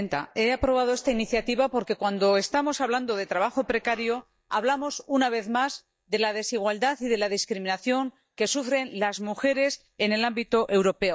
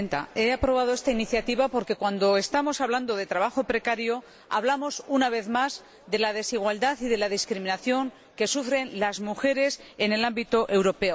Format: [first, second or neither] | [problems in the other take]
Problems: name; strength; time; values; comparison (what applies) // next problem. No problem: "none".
second | noise reduction (neural mask model DeepFilterNet 3)